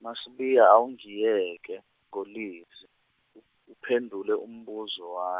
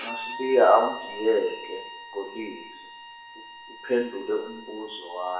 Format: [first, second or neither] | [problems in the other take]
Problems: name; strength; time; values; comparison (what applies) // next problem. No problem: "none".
first | background sound (Bowed string instrument); 13 dB below the speech // room echo; dies away in 0.8 s